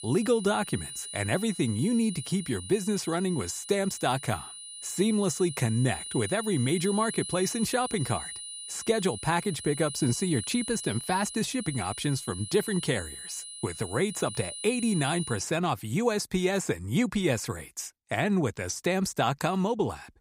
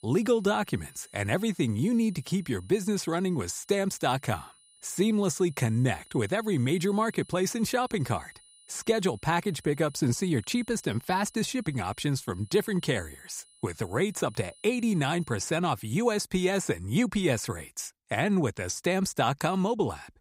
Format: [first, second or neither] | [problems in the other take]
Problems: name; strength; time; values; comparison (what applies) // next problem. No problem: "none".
second | high-pitched whine; loud; until 15 s; 9.5 kHz, 9 dB below the speech; faint in the second